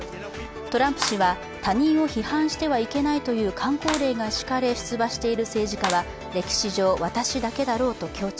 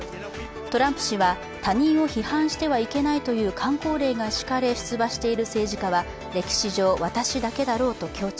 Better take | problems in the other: second | background sound (Clapping); 13 dB below the speech

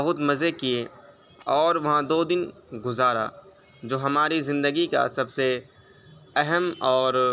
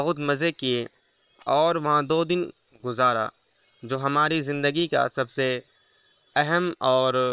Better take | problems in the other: first | noise reduction (neural separator model SepFormer WHAM!)

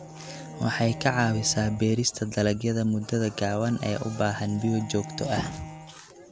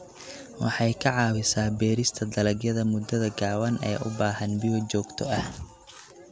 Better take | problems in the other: second | background sound (Bowed string instrument); 16 dB below the speech

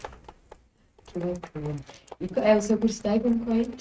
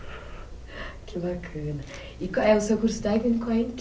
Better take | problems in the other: second | noise reduction (neural mask model RNNoise)

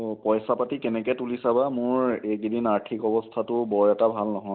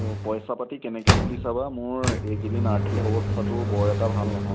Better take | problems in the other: first | background sound (Engine); 4 dB above the speech

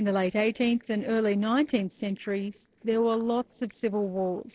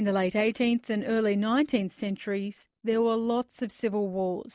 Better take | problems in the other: second | noise reduction (neural separator model SepFormer DNS4)

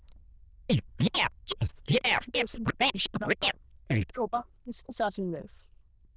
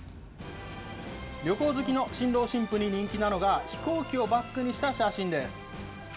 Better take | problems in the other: second | noise reduction (neural diffusion model UNIVERSE++)

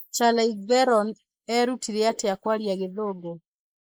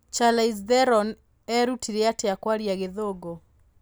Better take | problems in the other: second | noise reduction (neural mask model Resemble Enhance denoiser)

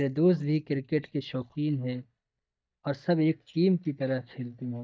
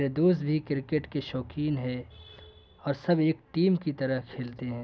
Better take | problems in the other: second | noise reduction (neural mask model DeepFilterNet 3)

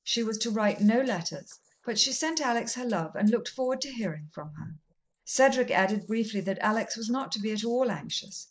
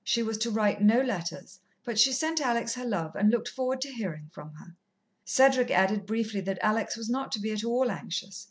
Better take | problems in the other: second | noise reduction (neural mask model Resemble Enhance denoiser)

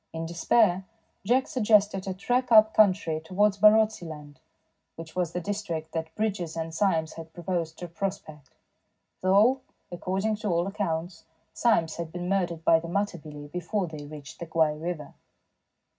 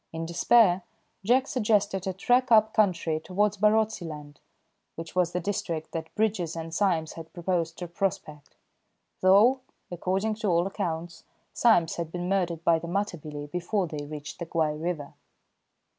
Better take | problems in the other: second | room echo; dies away in 0.4 s

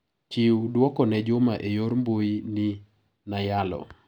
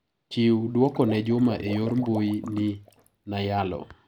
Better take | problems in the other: first | background sound (Water / Liquid); 16 dB below the speech

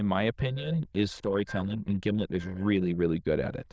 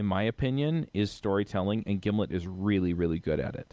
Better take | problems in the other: second | noise reduction (neural diffusion model UNIVERSE++)

